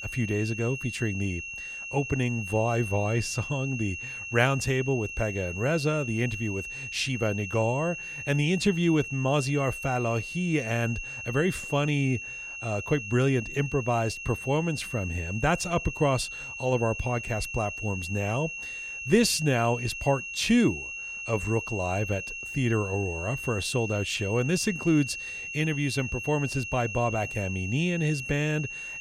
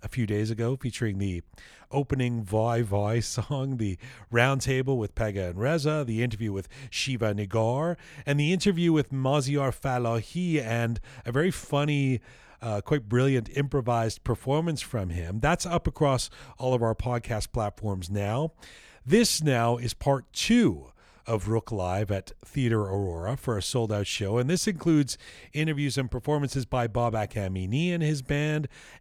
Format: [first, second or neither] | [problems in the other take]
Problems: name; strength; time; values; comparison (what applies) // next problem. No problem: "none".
second | high-pitched whine; loud; throughout; 2.5 kHz, 7 dB below the speech